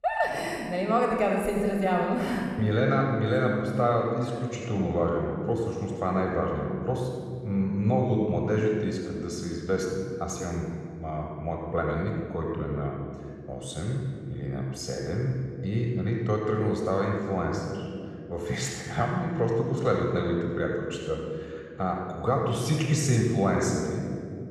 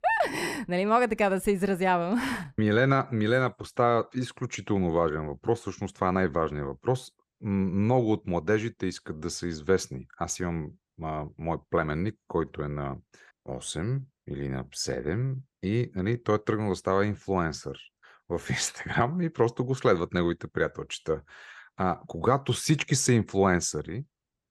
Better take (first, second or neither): second